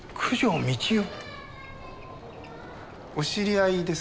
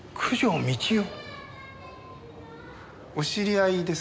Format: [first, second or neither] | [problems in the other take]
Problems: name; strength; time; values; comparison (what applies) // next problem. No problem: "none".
second | background sound (Door); 18 dB below the speech